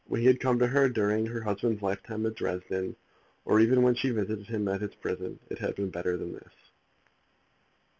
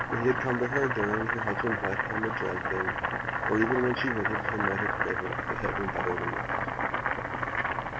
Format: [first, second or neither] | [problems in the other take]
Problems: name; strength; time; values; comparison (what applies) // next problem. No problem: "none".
first | background sound (Boiling); 2 dB above the speech